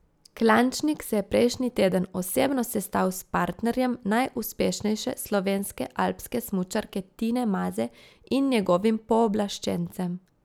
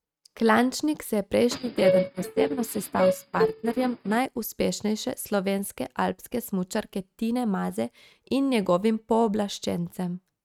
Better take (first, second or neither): first